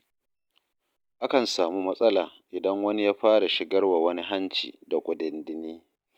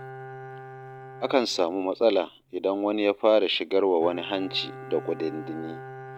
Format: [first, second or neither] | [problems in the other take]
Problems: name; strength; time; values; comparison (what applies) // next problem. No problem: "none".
first | background sound (Bowed string instrument); 16 dB below the speech